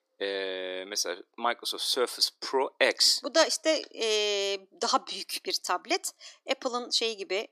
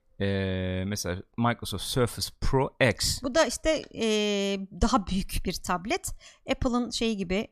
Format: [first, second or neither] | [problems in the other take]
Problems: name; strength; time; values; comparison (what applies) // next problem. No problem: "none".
second | thin; very; fading below 300 Hz